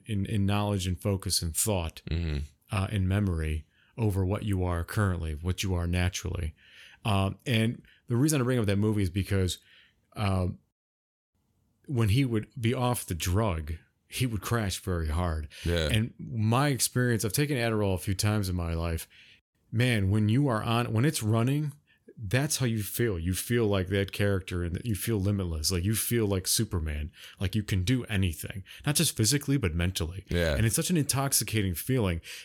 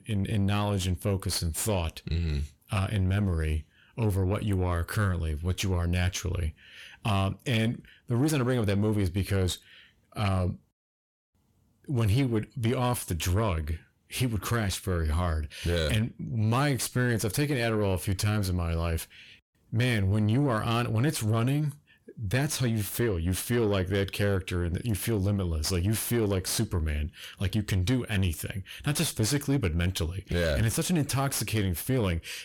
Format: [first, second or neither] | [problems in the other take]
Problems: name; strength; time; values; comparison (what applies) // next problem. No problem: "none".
first | distortion; slight; 10 dB below the speech